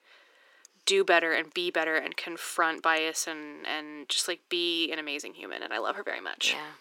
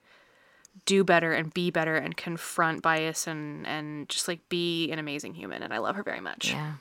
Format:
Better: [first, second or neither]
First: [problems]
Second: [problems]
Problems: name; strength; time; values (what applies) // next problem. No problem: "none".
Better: second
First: thin; somewhat; fading below 350 Hz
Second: none